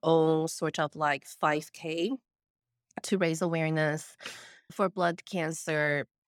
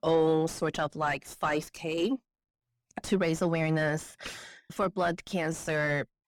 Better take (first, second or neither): first